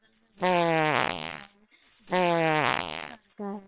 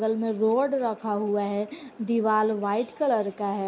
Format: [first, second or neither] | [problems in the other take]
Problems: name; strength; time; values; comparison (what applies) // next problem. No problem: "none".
second | noise reduction (neural separator model SepFormer WHAMR!)